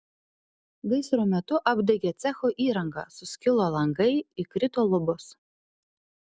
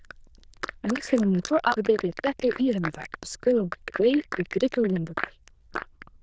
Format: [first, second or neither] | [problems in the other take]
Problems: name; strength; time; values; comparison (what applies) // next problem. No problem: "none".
first | noise reduction (neural diffusion model UNIVERSE++)